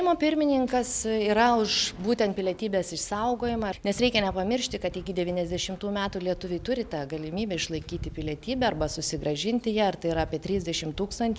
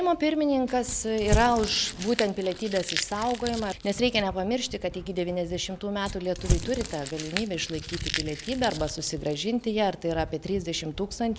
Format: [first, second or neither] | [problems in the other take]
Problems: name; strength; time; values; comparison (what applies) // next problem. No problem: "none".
first | background sound (Crumpling, crinkling / Crushing); 6 dB below the speech